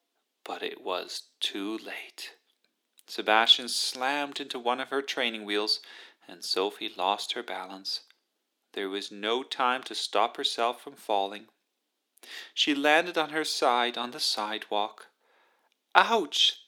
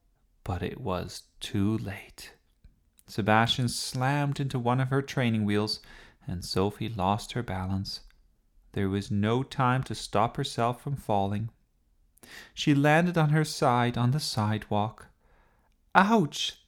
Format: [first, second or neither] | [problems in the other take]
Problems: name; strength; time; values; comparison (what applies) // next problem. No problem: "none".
second | thin; somewhat; fading below 300 Hz